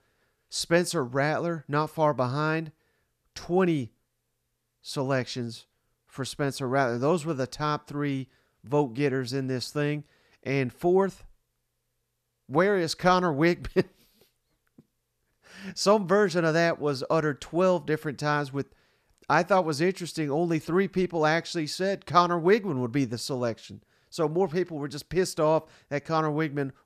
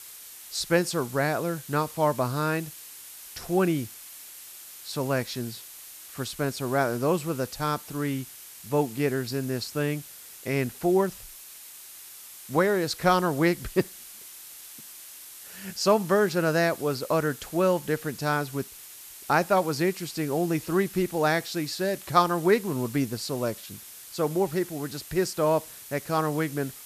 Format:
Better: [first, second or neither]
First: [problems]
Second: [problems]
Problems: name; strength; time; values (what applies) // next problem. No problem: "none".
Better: first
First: none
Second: hiss; noticeable; throughout; 15 dB below the speech